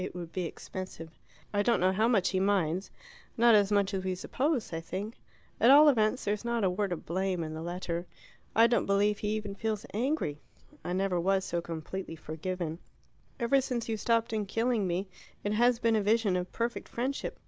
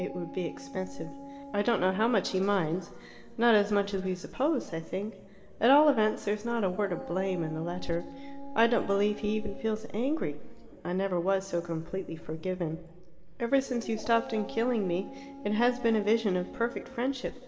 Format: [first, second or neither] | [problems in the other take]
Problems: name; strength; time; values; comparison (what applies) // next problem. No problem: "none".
first | background sound (Dog); 17 dB below the speech // room echo; dies away in 2.9 s